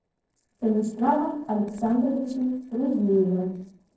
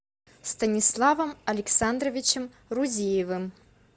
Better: second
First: noise reduction (neural separator model SepFormer DNS4)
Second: none

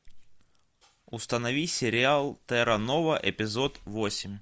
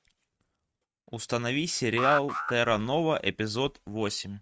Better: first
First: none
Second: noise reduction (neural mask model RNNoise)

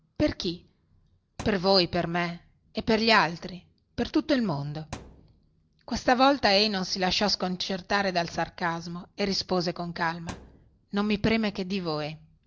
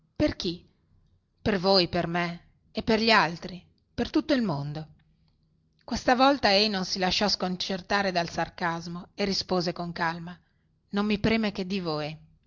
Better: second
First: background sound (Thump, thud); 20 dB below the speech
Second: none

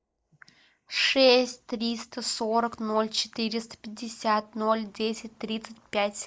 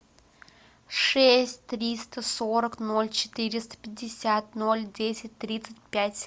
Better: second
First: noise reduction (neural mask model Resemble Enhance denoiser)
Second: none

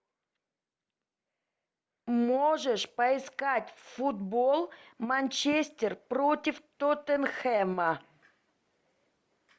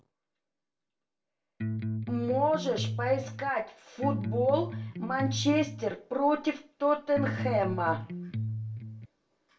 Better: first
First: none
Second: background sound (Electric guitar); 3 dB below the speech // room echo; dies away in 0.2 s

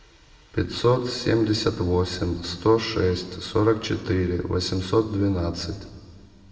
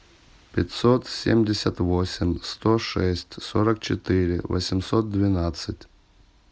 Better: second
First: room echo; dies away in 1.5 s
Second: none

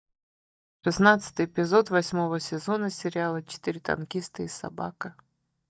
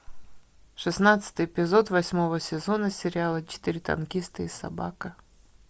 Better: second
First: noise reduction (neural mask model DeepFilterNet 3)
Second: none

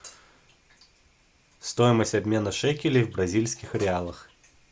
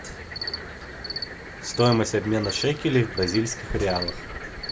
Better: first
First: none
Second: background sound (Cricket); 8 dB below the speech

